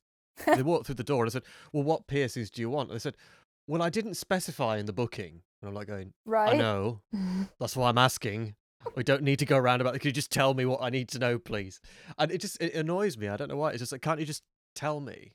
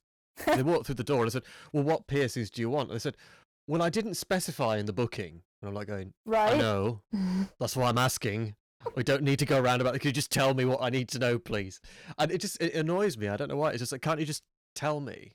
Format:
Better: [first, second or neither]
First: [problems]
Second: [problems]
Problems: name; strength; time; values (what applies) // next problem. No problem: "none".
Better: first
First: none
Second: distortion; slight; 4% of the sound clipped